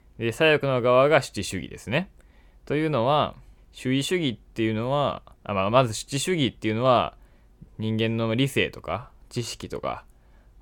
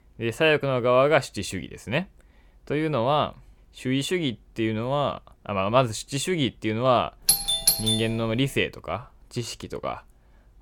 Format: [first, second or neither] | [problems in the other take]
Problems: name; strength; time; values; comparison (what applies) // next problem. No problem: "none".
first | doorbell; loud; at 7.5 s; peak 5 dB above the speech